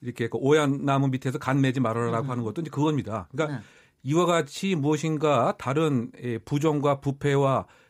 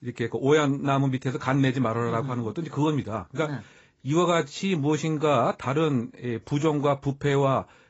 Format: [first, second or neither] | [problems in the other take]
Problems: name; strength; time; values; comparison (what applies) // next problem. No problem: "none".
first | garbled, watery; badly; nothing above 7.5 kHz